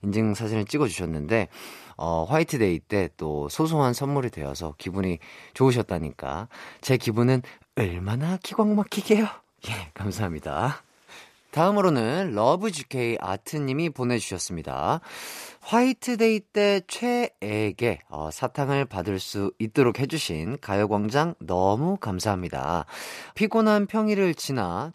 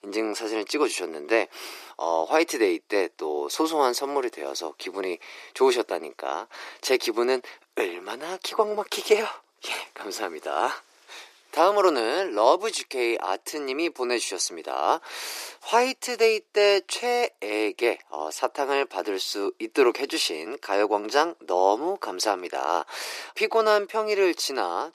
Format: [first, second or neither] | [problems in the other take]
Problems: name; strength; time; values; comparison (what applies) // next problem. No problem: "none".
first | thin; very; fading below 350 Hz